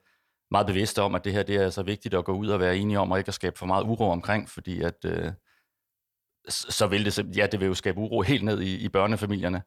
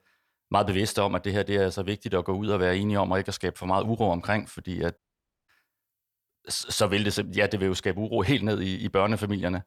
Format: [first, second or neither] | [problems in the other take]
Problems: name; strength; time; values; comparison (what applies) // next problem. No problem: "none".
first | audio cutting out; at 5 s for 0.5 s